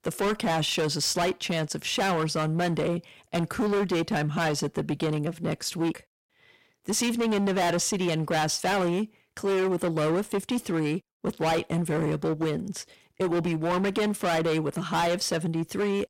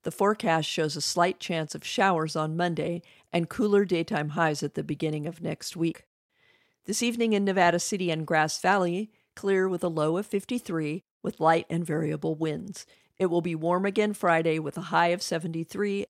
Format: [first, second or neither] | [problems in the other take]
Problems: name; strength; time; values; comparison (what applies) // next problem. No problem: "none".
second | distortion; heavy; 21% of the sound clipped